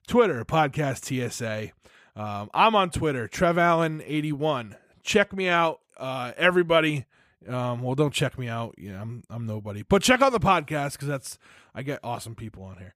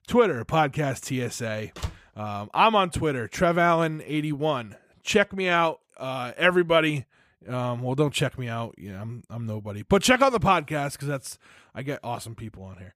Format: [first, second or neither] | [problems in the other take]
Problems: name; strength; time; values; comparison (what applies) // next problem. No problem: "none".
first | door banging; faint; at 2 s; peak 10 dB below the speech